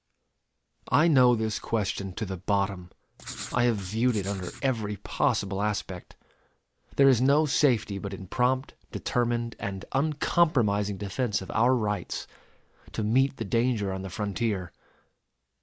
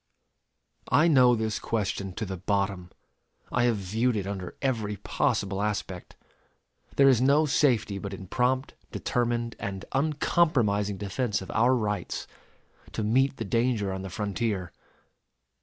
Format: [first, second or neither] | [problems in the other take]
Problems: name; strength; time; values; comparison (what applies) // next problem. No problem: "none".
second | background sound (Writing); 14 dB below the speech